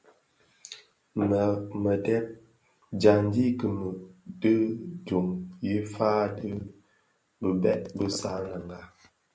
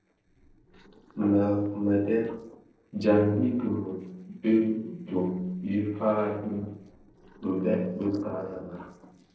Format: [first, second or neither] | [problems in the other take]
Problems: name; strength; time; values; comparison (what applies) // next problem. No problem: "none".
first | noise reduction (neural separator model SepFormer DNS4)